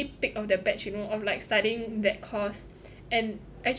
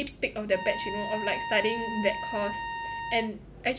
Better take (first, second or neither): first